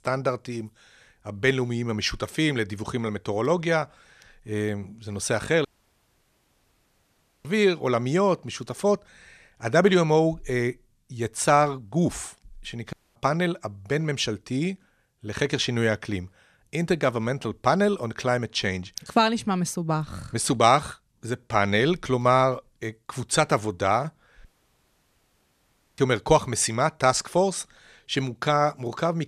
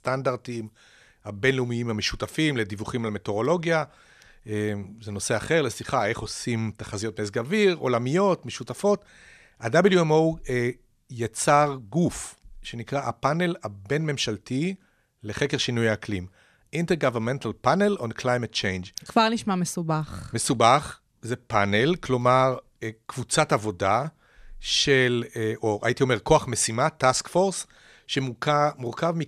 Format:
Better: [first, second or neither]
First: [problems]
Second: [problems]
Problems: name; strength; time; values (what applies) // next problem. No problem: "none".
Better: second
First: audio cutting out; at 5.5 s for 2 s, at 13 s and at 24 s for 1.5 s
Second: none